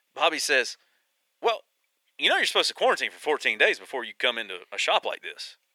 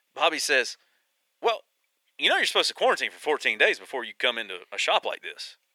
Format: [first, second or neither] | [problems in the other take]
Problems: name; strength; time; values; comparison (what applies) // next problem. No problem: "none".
neither | thin; very; fading below 500 Hz; the same in both